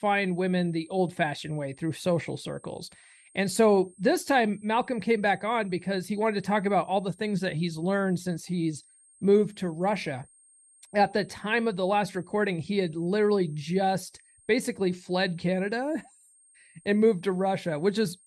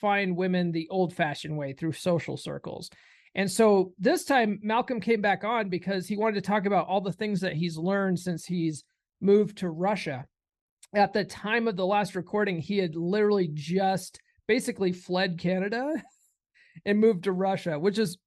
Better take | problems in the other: second | high-pitched whine; faint; throughout; 8.5 kHz, 30 dB below the speech

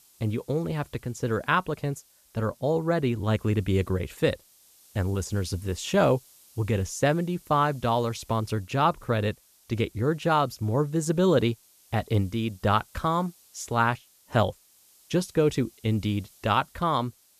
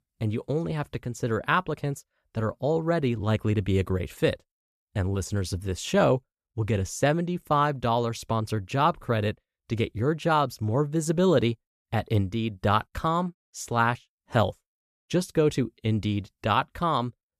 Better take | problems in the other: second | hiss; faint; throughout; 30 dB below the speech

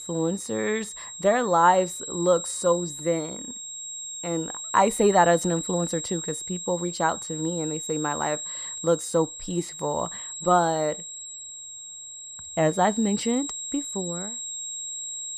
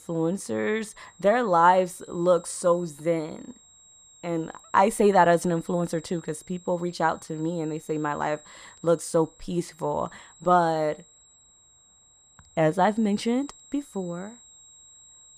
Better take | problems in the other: second | high-pitched whine; loud; throughout; 7.5 kHz, 8 dB below the speech; faint in the second

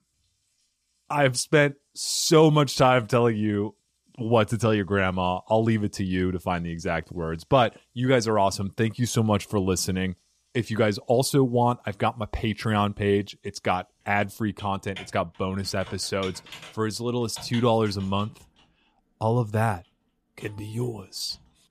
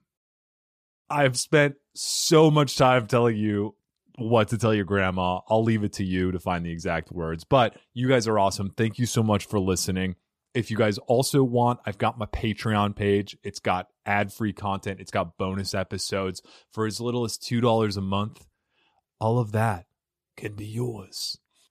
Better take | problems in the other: second | household noises; faint; throughout; 20 dB below the speech

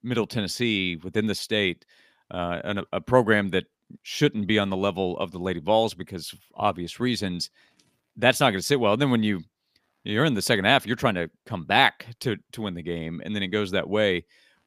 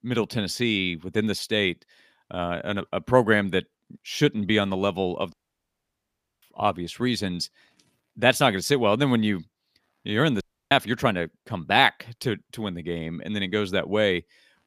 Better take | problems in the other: first | audio cutting out; at 5.5 s for 1 s and at 10 s

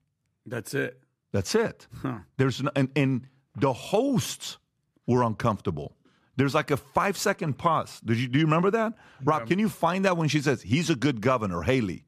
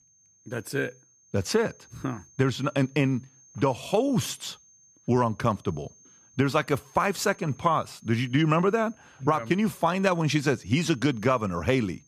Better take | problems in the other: first | high-pitched whine; faint; throughout; 6.5 kHz, 30 dB below the speech

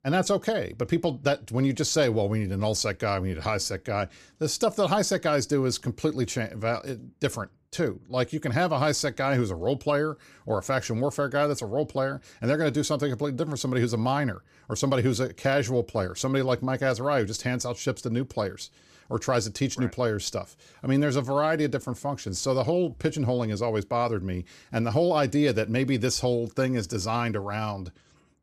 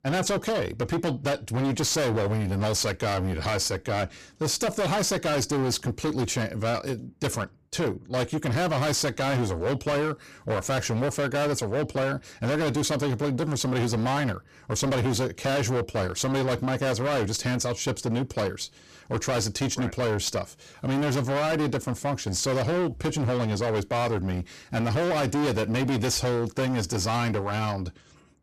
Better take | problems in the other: first | distortion; heavy; 26% of the sound clipped

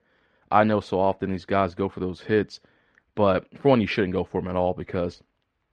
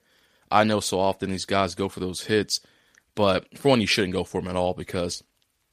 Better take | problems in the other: second | muffled; very; fading above 2 kHz

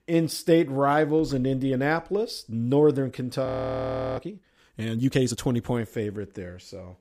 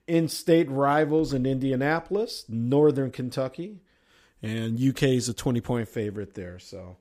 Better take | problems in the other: second | audio freezing; at 3.5 s for 0.5 s

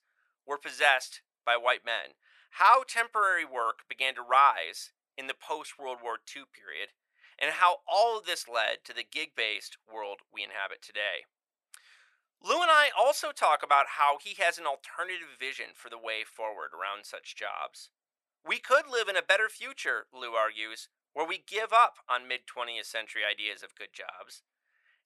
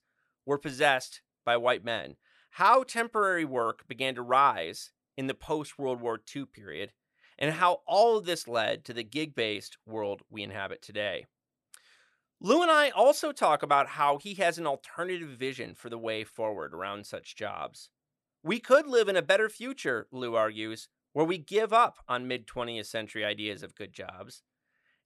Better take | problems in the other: second | thin; very; fading below 850 Hz

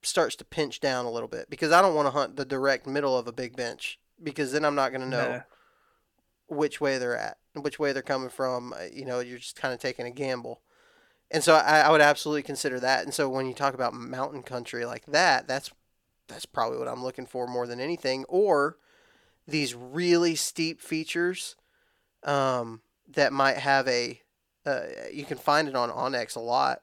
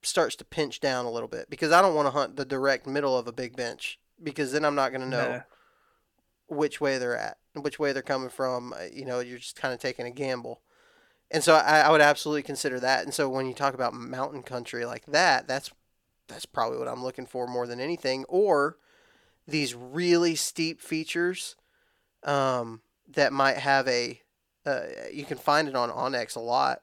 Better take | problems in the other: neither | none

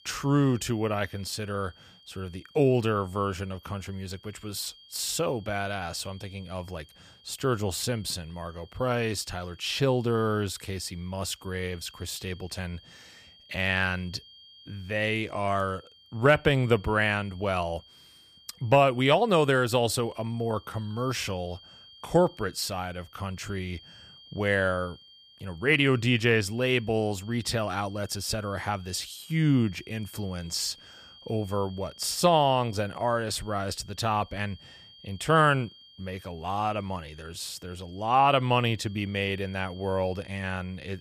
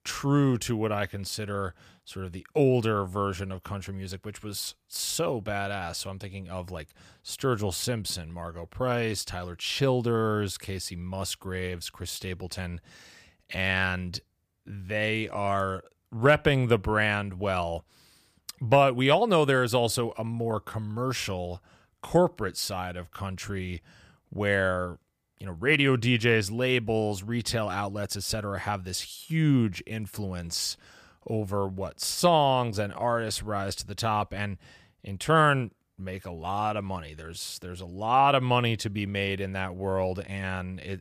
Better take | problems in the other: second | high-pitched whine; faint; throughout; 3 kHz, 25 dB below the speech

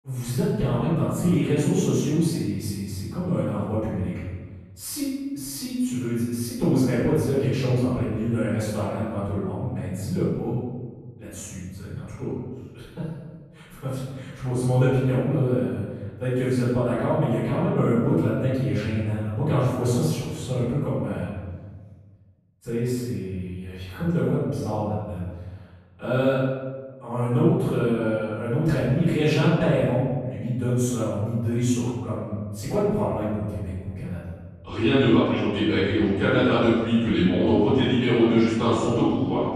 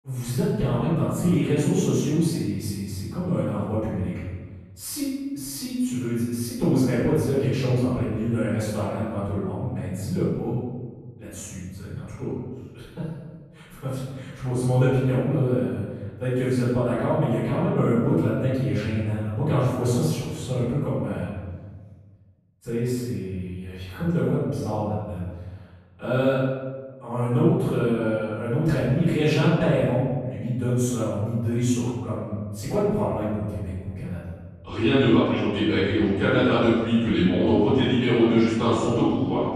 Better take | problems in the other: neither | off-mic speech; far; the same in both // room echo; strong; dies away in 1.3 s; the same in both

